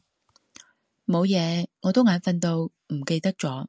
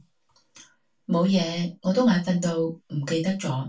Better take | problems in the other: first | room echo; dies away in 0.2 s

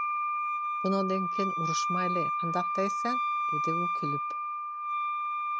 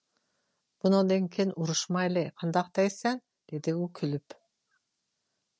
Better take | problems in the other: second | background sound (Wind instrument, woodwind instrument); 5 dB above the speech

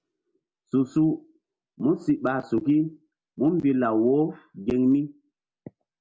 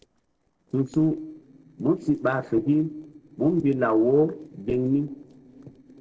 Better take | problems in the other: first | noise reduction (neural separator model SepFormer DNS4)

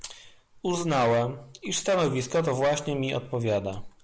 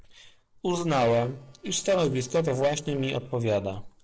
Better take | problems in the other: first | noise reduction (neural separator model SepFormer DNS4)

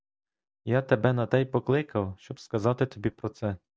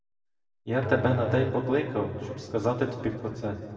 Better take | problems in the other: first | background sound (Musical instrument); 9 dB below the speech // room echo; dies away in 2.1 s

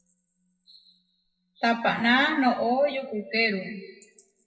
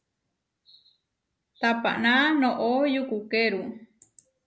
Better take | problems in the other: second | noise reduction (classical method WPE with log-MMSE)

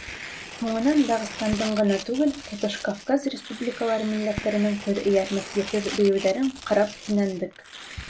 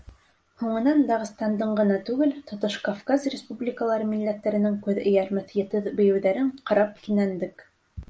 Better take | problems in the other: second | background sound (Fireworks + Tearing); 13 dB below the speech

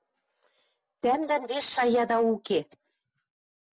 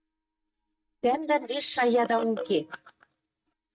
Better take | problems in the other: first | noise reduction (neural mask model DeepFilterNet 3)

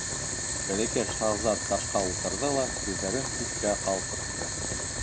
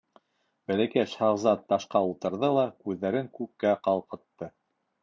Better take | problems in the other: second | background sound (Boiling); 1 dB above the speech

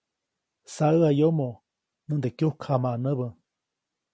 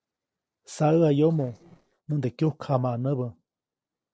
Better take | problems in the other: first | noise reduction (neural separator model SepFormer DNS4)

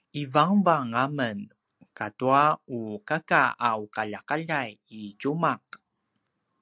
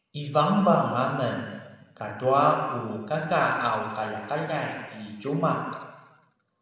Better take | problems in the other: first | room echo; dies away in 1.2 s

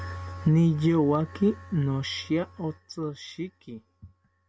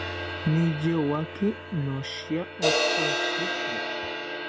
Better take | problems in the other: first | background sound (Crash cymbal); 1 dB below the speech

